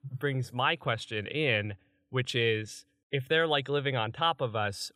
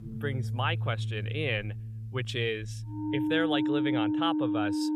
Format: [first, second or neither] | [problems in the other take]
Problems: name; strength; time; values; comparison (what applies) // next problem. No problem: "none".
first | background music; very loud; throughout; 1 dB above the speech